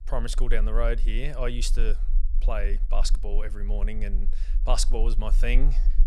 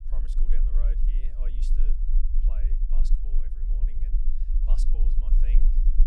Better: first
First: low rumble; faint; throughout; 20 dB below the speech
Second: low rumble; loud; throughout; 1 dB below the speech

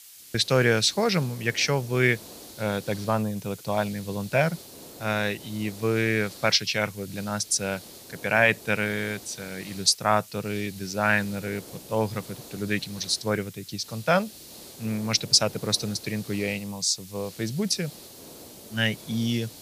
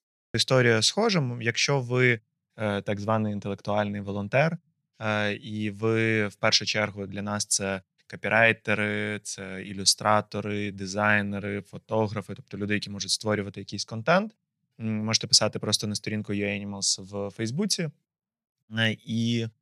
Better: second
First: hiss; noticeable; throughout; 15 dB below the speech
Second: none

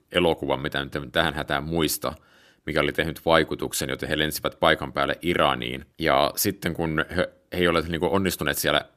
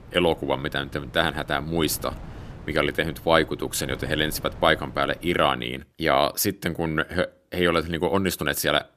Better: first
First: none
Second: wind noise on the microphone; occasional gusts; until 5.5 s; 25 dB below the speech

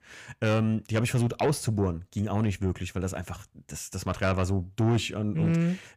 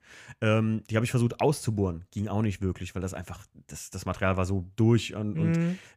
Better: second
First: distortion; slight; 10 dB below the speech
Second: none

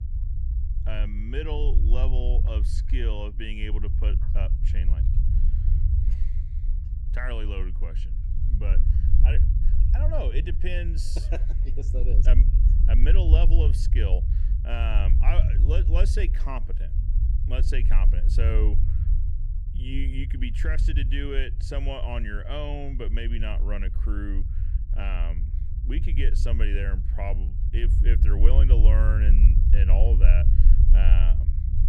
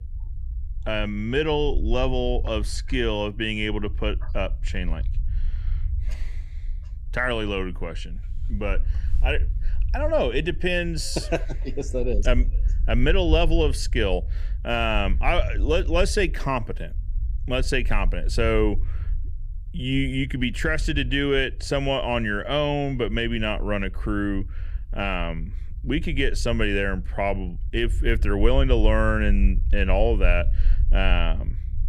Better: second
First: low rumble; loud; throughout; 7 dB below the speech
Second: low rumble; faint; throughout; 25 dB below the speech

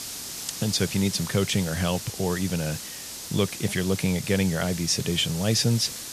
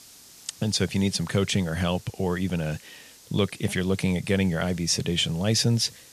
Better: second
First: hiss; loud; throughout; 9 dB below the speech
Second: hiss; faint; throughout; 20 dB below the speech

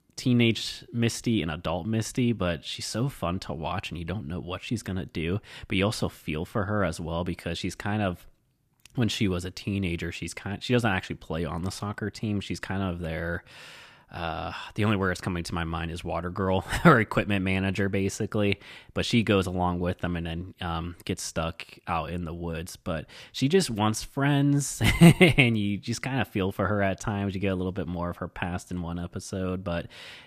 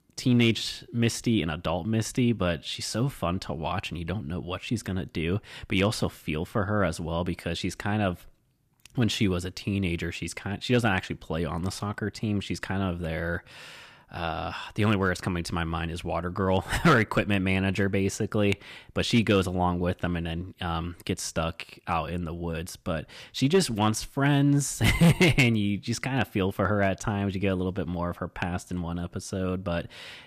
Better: first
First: none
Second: distortion; slight; 0.9% of the sound clipped

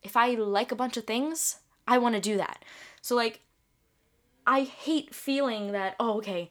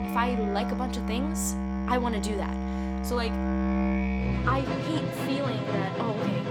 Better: first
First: none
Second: background music; very loud; throughout; 2 dB above the speech

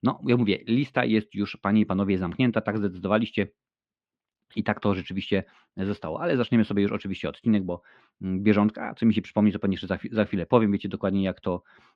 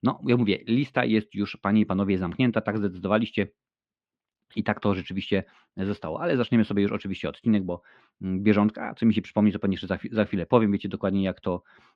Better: neither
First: muffled; very slightly; fading above 3.5 kHz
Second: muffled; very slightly; fading above 3.5 kHz

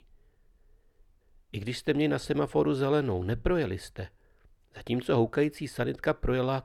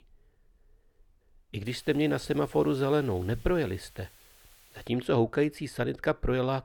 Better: first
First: none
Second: hiss; faint; from 1.5 to 5 s; 25 dB below the speech

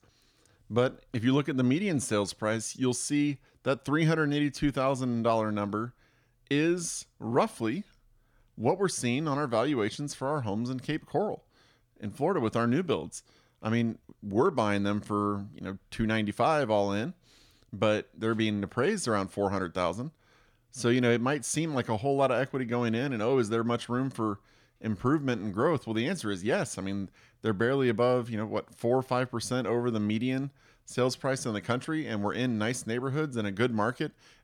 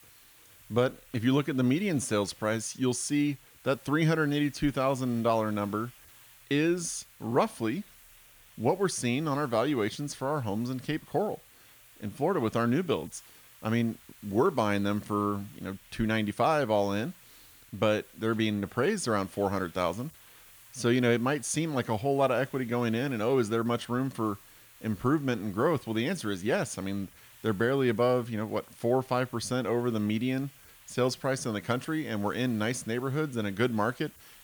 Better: first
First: none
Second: hiss; faint; throughout; 25 dB below the speech

